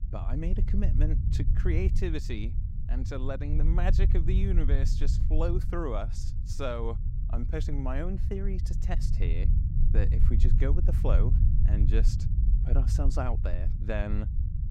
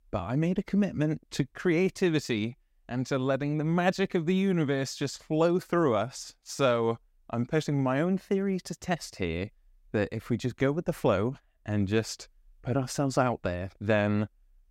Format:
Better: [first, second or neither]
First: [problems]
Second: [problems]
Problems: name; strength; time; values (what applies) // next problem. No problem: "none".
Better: second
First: low rumble; loud; throughout; 7 dB below the speech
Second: none